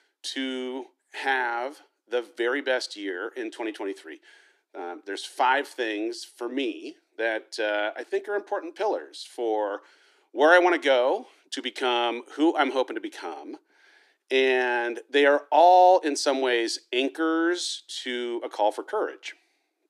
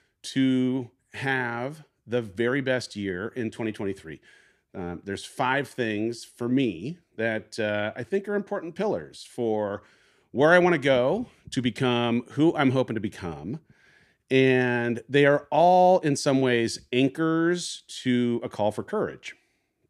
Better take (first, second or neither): second